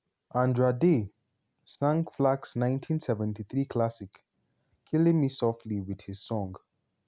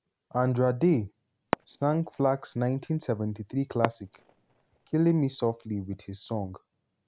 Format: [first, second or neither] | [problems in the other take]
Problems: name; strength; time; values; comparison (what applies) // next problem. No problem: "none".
first | background sound (Fireworks); 11 dB below the speech